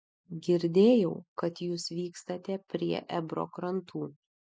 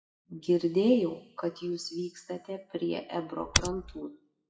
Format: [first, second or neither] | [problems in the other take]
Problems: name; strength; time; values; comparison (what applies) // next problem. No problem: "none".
first | noise reduction (classical method WPE with log-MMSE)